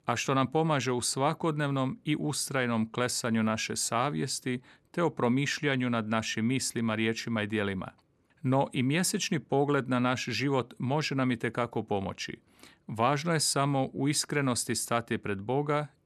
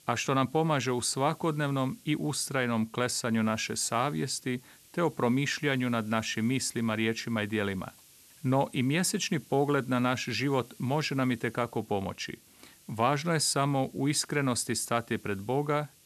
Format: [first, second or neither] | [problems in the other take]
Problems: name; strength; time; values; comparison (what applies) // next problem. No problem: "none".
first | hiss; faint; throughout; 25 dB below the speech